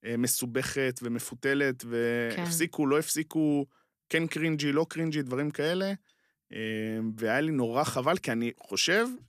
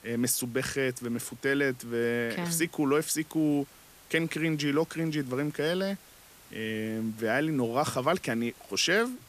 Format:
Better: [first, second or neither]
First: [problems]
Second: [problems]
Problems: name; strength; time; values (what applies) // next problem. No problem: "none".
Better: first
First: none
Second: hiss; faint; throughout; 25 dB below the speech